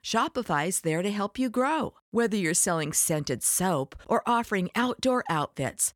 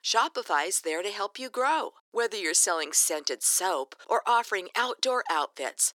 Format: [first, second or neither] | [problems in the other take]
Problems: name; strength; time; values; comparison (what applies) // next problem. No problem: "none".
first | thin; very; fading below 350 Hz